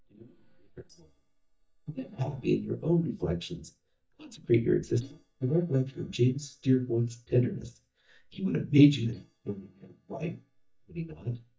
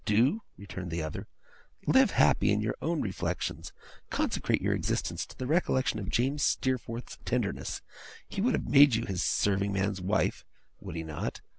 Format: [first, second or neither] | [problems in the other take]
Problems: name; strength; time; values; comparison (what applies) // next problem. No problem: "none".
second | noise reduction (neural mask model DeepFilterNet 3)